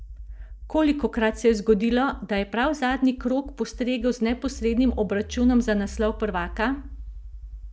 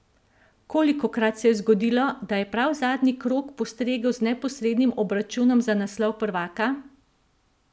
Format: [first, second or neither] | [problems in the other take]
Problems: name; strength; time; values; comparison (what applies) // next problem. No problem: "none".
second | noise reduction (neural mask model DeepFilterNet 3)